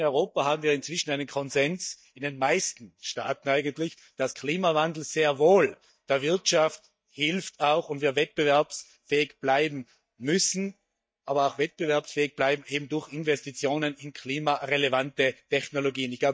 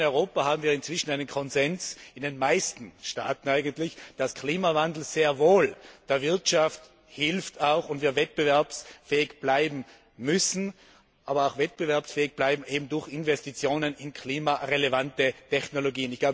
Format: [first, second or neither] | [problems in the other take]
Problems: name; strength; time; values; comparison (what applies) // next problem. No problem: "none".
second | noise reduction (neural mask model DeepFilterNet 3)